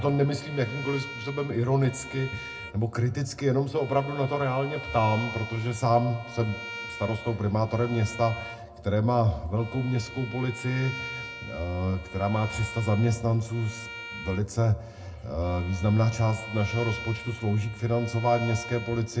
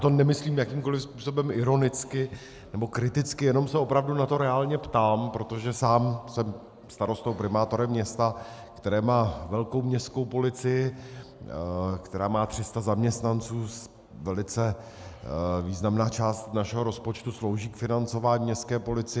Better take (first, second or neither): second